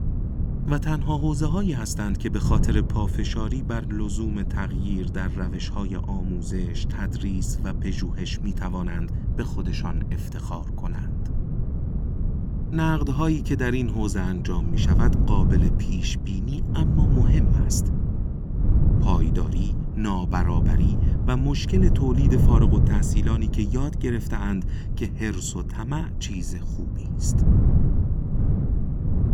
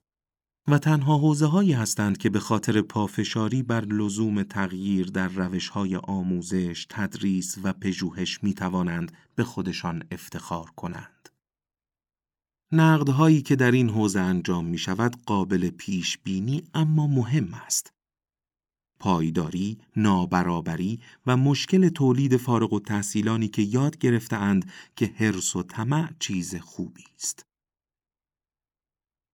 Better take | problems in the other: second | wind noise on the microphone; heavy; 5 dB below the speech

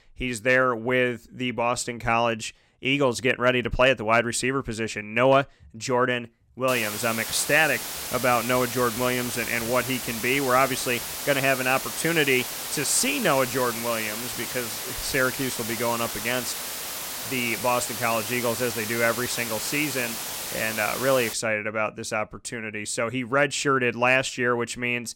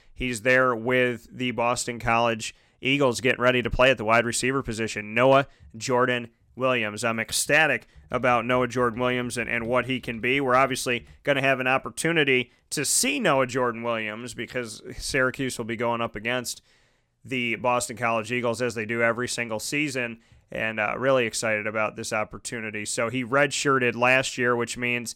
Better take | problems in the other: second | hiss; loud; from 6.5 to 21 s; 6 dB below the speech

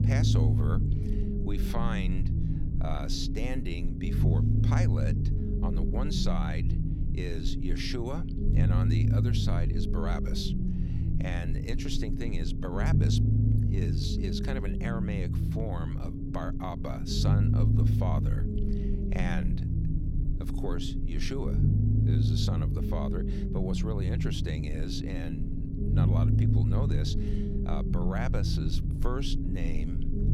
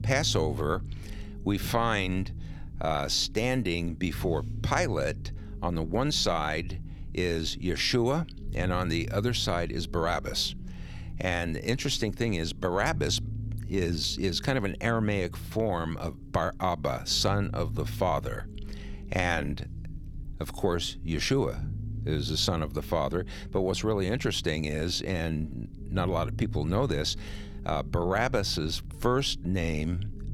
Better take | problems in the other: second | low rumble; loud; throughout; 1 dB below the speech; faint in the second

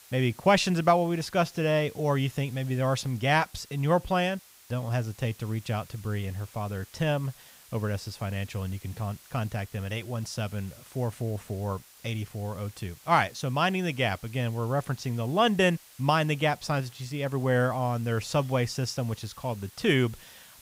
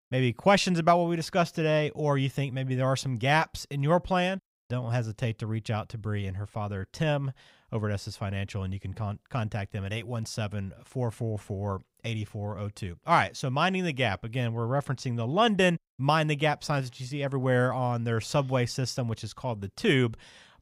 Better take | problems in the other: second | hiss; faint; throughout; 20 dB below the speech

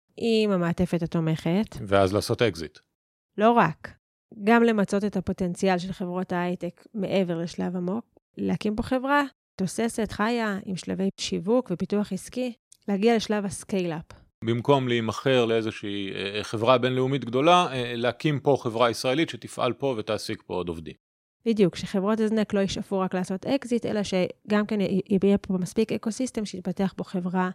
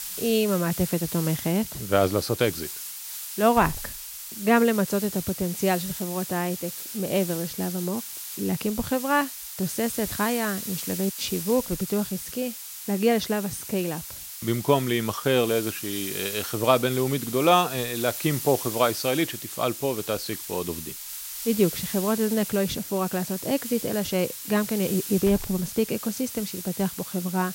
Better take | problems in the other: first | hiss; loud; throughout; 7 dB below the speech

